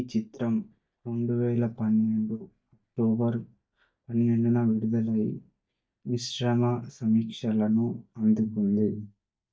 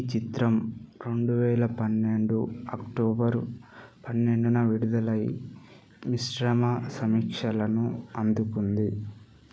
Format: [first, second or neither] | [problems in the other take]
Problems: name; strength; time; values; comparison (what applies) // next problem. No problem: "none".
second | noise reduction (neural mask model DeepFilterNet 3)